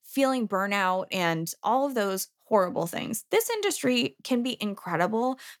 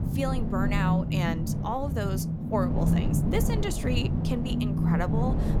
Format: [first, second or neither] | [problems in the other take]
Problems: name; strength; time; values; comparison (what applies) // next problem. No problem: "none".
first | low rumble; loud; throughout; 3 dB below the speech